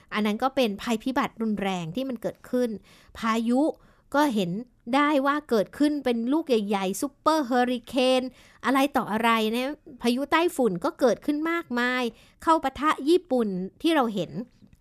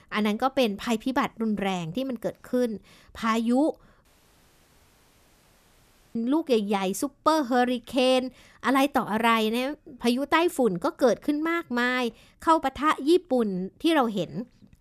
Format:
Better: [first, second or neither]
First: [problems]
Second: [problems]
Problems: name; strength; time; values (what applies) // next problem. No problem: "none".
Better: first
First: none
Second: audio cutting out; at 4 s for 2 s